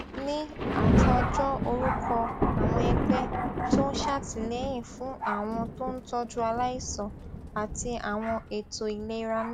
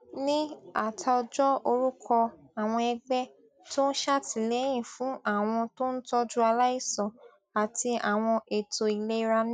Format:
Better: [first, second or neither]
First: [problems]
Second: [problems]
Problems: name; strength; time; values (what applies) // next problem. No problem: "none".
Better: second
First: background sound (Thunder); 3 dB above the speech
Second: none